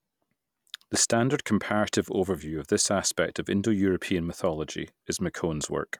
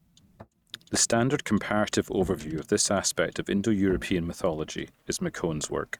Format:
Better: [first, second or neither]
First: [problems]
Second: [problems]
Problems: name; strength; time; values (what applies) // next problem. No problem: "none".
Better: first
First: none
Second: noise reduction (neural mask model RNNoise)